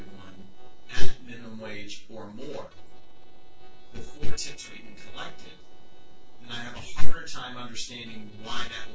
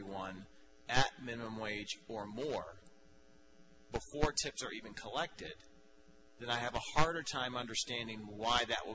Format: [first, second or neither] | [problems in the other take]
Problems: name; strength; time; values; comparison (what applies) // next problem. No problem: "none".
second | noise reduction (neural separator model SepFormer DNS4)